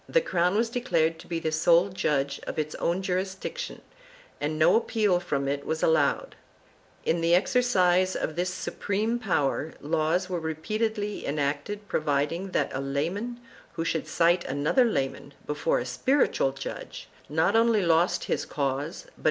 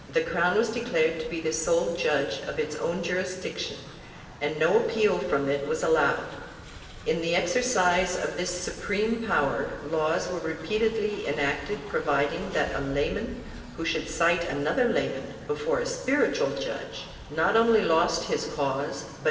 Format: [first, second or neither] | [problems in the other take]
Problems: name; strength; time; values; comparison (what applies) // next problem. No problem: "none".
first | background sound (Train); 16 dB below the speech // room echo; dies away in 1.4 s